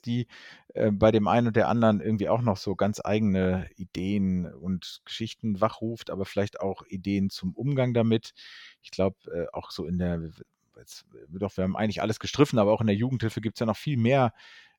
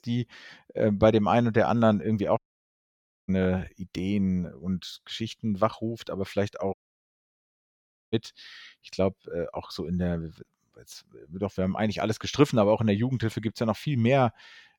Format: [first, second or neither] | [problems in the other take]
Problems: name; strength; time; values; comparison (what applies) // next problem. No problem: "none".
first | audio cutting out; at 2.5 s for 1 s and at 6.5 s for 1.5 s